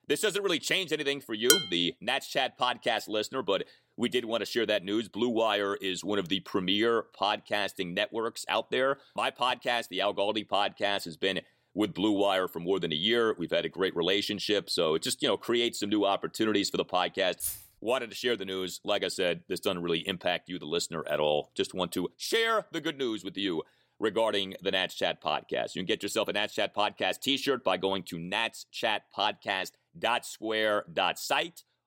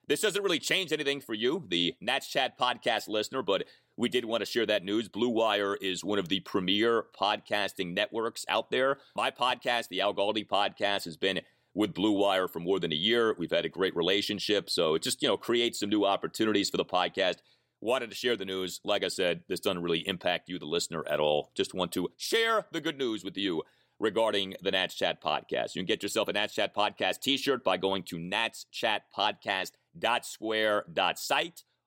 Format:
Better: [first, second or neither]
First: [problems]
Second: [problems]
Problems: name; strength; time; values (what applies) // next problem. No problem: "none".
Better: second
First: clattering dishes; loud; at 1.5 s; peak 5 dB above the speech // jangling keys; noticeable; at 17 s; peak 5 dB below the speech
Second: none